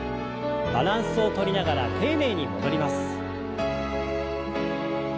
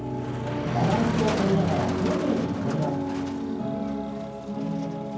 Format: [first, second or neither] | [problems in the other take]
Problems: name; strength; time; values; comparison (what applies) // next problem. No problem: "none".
first | background sound (Motor vehicle (road)); 7 dB below the speech // room echo; dies away in 0.9 s